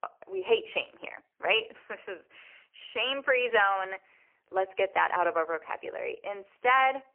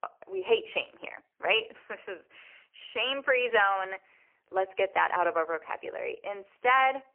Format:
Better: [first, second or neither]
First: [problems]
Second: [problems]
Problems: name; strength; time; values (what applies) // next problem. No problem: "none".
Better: neither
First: phone-call audio; poor line; nothing above 3 kHz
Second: phone-call audio; poor line; nothing above 3 kHz